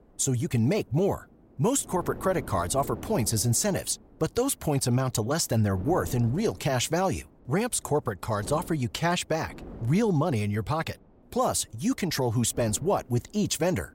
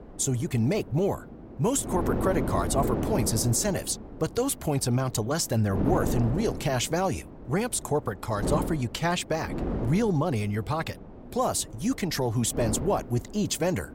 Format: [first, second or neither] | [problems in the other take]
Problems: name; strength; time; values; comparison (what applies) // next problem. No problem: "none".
first | wind noise on the microphone; heavy; 7 dB below the speech; occasional gusts in the first